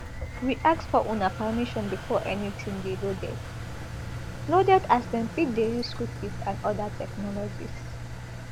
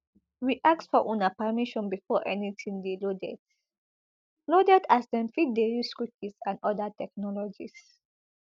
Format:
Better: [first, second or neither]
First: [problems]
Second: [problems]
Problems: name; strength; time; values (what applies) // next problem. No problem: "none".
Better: second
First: background sound (Engine); 7 dB below the speech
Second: none